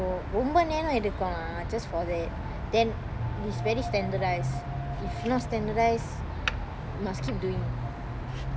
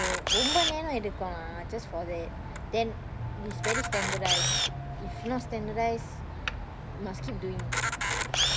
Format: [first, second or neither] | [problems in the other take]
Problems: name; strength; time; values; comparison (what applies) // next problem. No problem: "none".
first | background sound (Camera); 1 dB below the speech